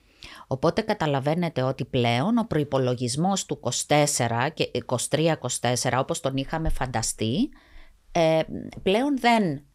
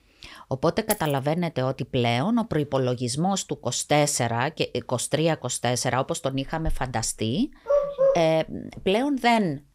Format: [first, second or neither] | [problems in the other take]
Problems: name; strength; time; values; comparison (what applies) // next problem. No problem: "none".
first | jangling keys; noticeable; at 1 s; peak 6 dB below the speech // dog barking; loud; at 7.5 s; peak 3 dB above the speech